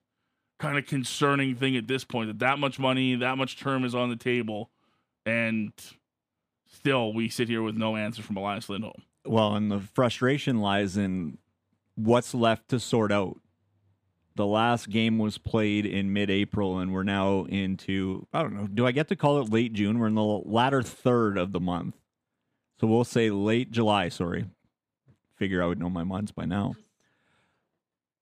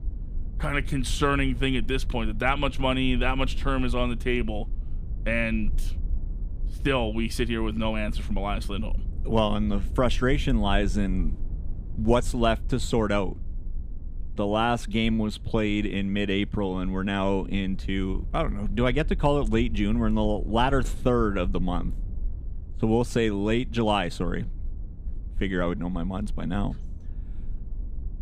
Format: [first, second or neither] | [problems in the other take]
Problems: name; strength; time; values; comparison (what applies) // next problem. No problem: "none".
first | low rumble; faint; throughout; 25 dB below the speech